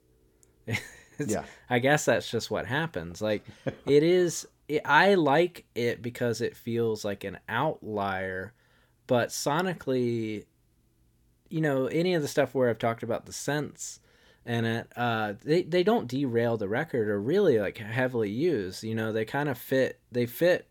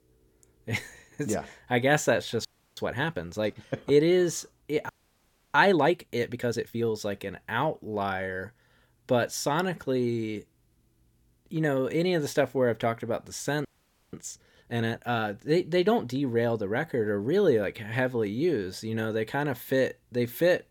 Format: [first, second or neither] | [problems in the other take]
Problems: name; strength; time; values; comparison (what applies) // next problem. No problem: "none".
first | audio freezing; at 2.5 s, at 5 s for 0.5 s and at 14 s